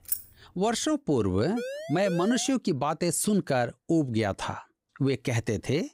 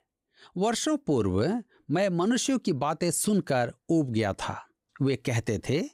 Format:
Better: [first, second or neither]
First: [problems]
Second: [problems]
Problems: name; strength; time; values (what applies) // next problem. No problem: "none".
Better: second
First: jangling keys; noticeable; at the start; peak 4 dB below the speech // siren; noticeable; at 1.5 s; peak 9 dB below the speech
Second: none